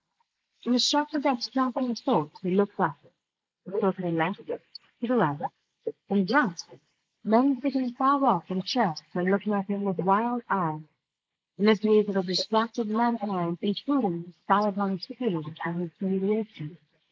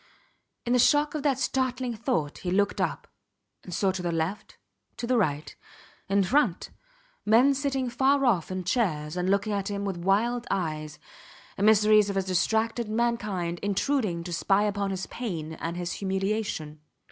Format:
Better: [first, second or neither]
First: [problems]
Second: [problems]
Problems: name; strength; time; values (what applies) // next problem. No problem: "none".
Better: second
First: noise reduction (neural mask model Resemble Enhance denoiser)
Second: none